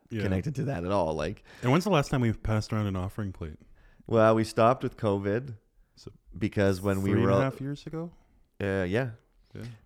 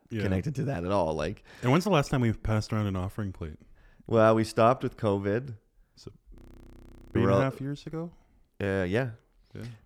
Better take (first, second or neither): first